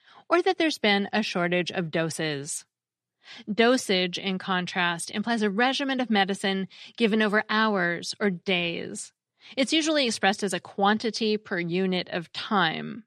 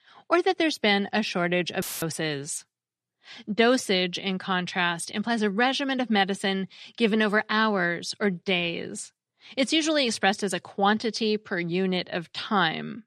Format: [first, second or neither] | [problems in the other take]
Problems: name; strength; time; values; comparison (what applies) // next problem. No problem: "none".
first | audio cutting out; filled with static; at 2 s